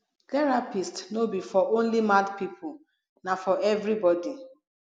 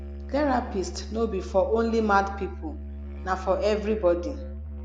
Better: first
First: none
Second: background sound (Musical instrument); 9 dB below the speech

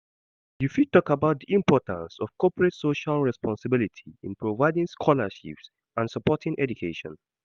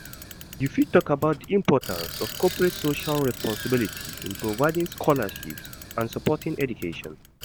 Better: first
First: none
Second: background sound (Bicycle); 12 dB below the speech

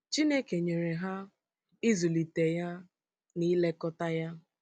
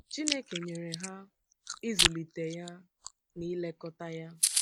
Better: first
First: none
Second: background sound (Chewing, mastication); 4 dB above the speech

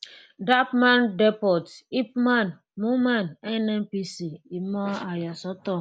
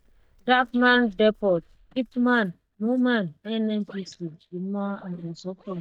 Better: first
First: none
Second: noise reduction (neural mask model DeepFilterNet 3)

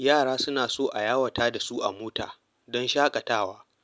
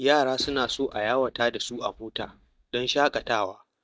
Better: first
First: none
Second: noise reduction (neural mask model DeepFilterNet 3)

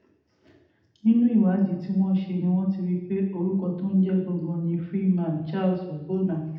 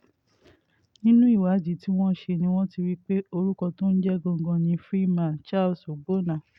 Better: second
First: room echo; dies away in 0.8 s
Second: none

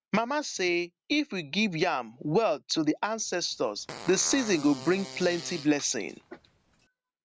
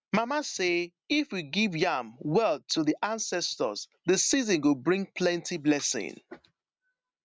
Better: second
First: background sound (Fart); 15 dB below the speech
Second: none

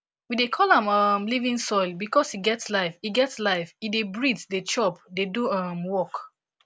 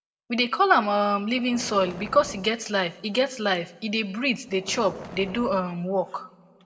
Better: first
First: none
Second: background sound (Boom); 17 dB below the speech // room echo; dies away in 1.4 s

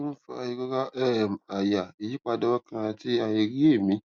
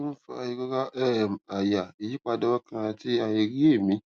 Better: second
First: noise reduction (neural mask model Resemble Enhance denoiser)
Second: none

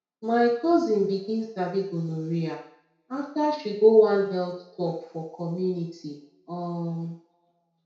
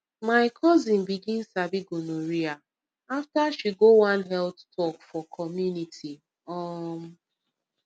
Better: second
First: room echo; dies away in 0.6 s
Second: none

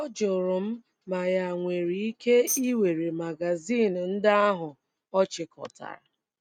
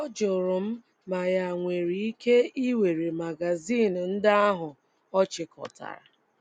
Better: second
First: noise reduction (neural mask model RNNoise)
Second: none

